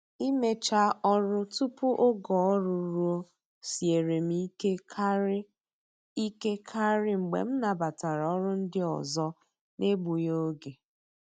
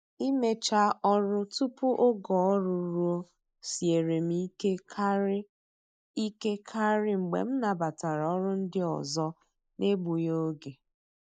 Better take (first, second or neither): first